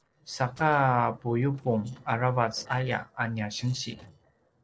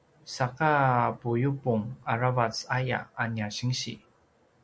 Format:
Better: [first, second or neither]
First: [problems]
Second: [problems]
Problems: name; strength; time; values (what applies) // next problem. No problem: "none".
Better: second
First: noise reduction (neural separator model SepFormer DNS4)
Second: none